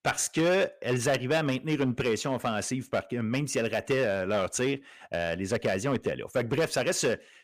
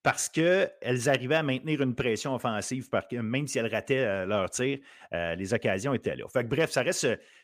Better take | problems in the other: second | distortion; slight; 6% of the sound clipped

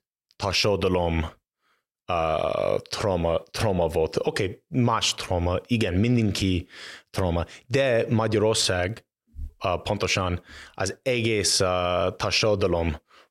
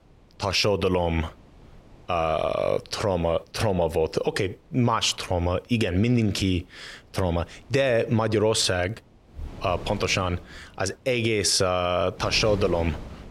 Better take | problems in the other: first | wind noise on the microphone; occasional gusts; 20 dB below the speech

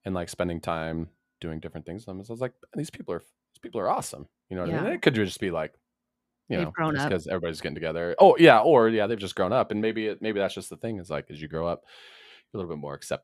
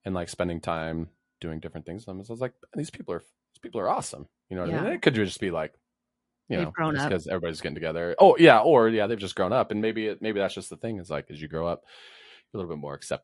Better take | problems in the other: first | garbled, watery; slightly; nothing above 11 kHz

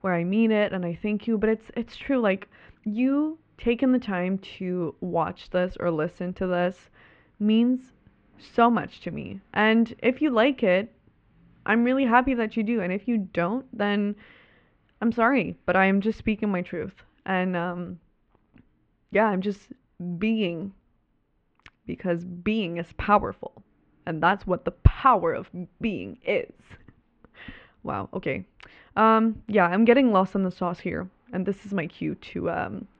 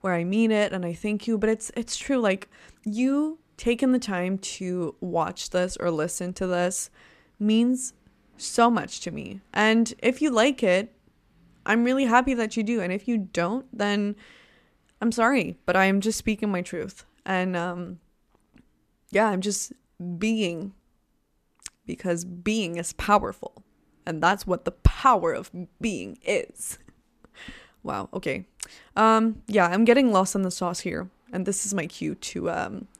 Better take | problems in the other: second | muffled; very; fading above 3 kHz

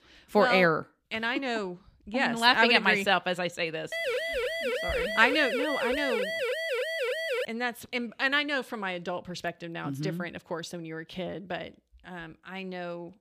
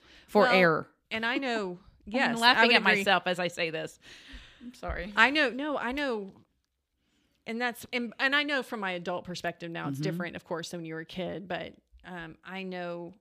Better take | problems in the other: second | siren; noticeable; from 4 to 7.5 s; peak 2 dB below the speech

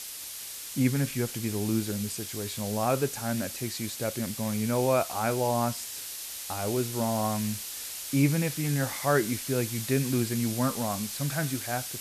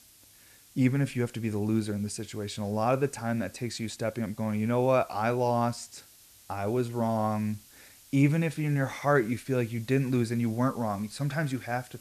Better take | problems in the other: second | hiss; loud; throughout; 6 dB below the speech; faint in the second

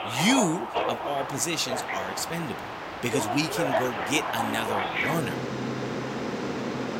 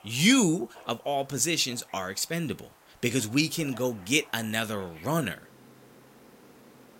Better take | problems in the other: second | train or aircraft noise; loud; throughout; 1 dB below the speech; faint in the second

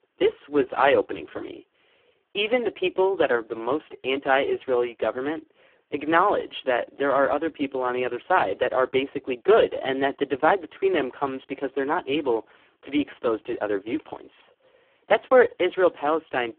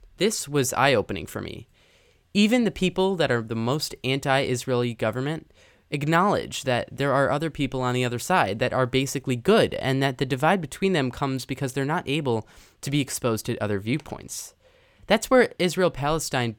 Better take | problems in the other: second | phone-call audio; poor line

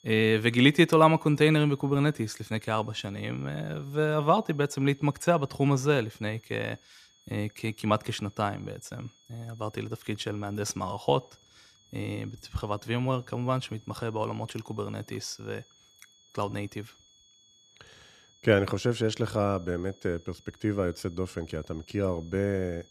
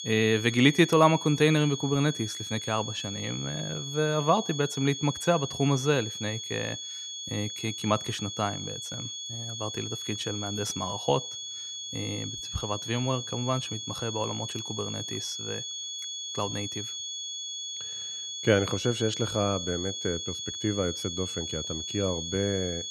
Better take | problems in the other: first | high-pitched whine; loud; throughout; 3.5 kHz, 5 dB below the speech; faint in the first

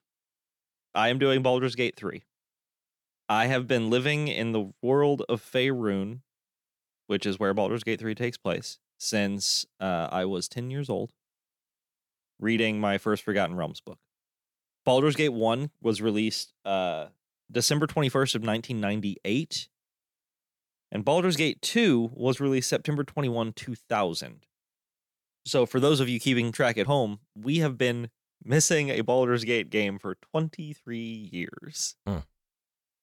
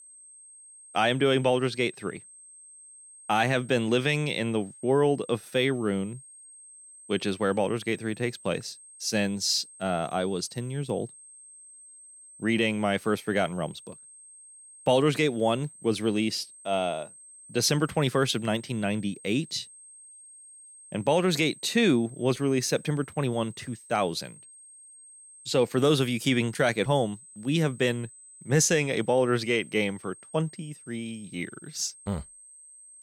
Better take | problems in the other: first | high-pitched whine; faint; throughout; 8.5 kHz, 20 dB below the speech

